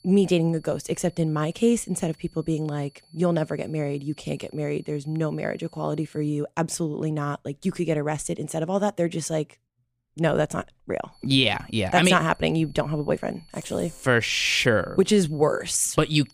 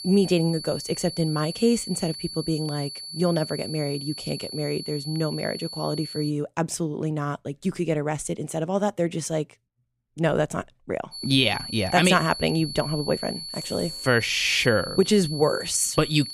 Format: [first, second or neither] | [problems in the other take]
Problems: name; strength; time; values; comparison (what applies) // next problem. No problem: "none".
first | high-pitched whine; loud; until 6.5 s and from 11 s on; 4.5 kHz, 9 dB below the speech; faint in the first